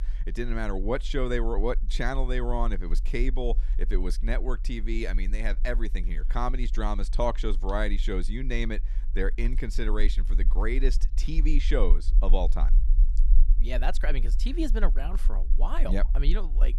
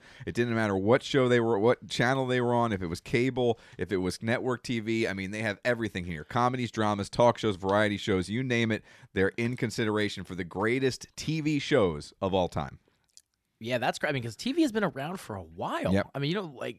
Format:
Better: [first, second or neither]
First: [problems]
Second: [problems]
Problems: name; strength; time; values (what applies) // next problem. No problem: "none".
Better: second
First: low rumble; faint; throughout; 20 dB below the speech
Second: none